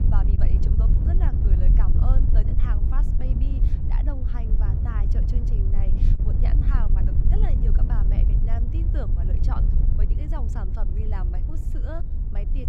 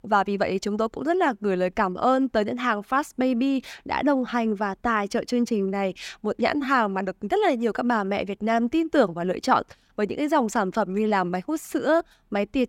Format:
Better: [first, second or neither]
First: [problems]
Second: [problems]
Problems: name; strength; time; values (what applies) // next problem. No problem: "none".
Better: second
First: wind noise on the microphone; heavy; as loud as the speech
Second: none